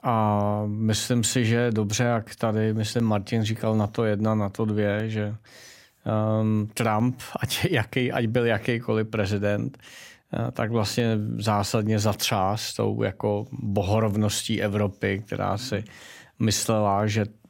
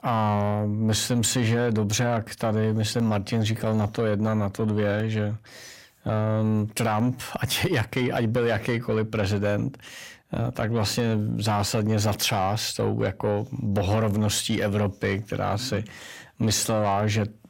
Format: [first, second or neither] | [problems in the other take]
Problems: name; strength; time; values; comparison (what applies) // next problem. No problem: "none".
first | distortion; slight; 10 dB below the speech